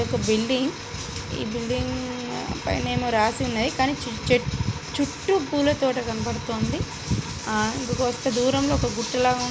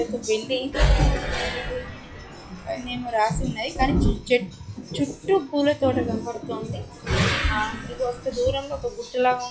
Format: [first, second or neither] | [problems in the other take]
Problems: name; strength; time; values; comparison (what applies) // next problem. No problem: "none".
first | noise reduction (classical method log-MMSE)